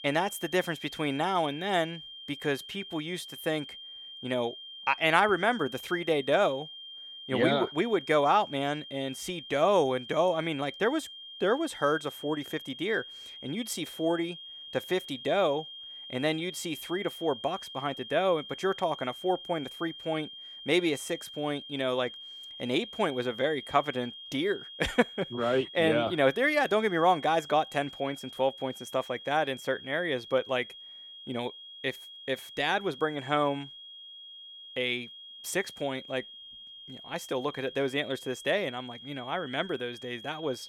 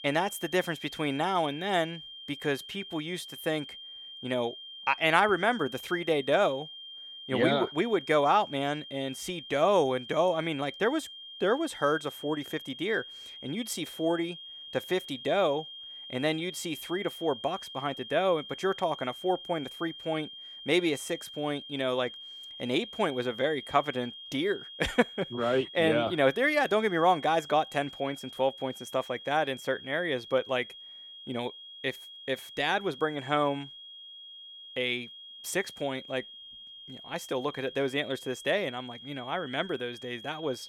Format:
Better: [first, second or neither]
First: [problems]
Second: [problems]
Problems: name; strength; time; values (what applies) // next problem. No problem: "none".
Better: neither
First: high-pitched whine; noticeable; throughout; 3 kHz, 15 dB below the speech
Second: high-pitched whine; noticeable; throughout; 3 kHz, 15 dB below the speech